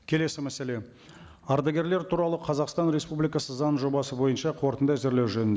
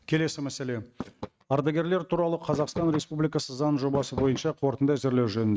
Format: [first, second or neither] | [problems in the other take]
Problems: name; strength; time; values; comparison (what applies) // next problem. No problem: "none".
first | noise reduction (neural mask model RNNoise)